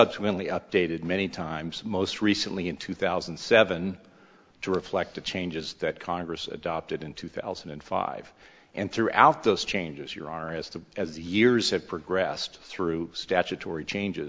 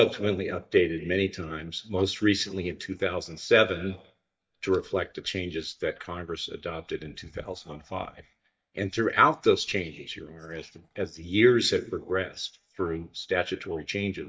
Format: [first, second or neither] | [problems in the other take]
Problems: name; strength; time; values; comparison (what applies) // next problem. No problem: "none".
first | noise reduction (neural mask model DeepFilterNet 3)